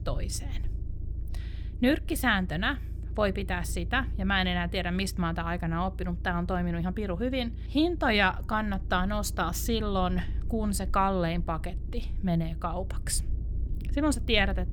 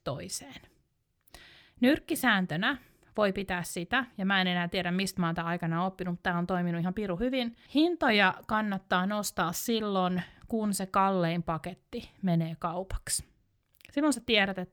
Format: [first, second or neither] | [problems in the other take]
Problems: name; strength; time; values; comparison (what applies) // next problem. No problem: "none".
second | low rumble; faint; throughout; 25 dB below the speech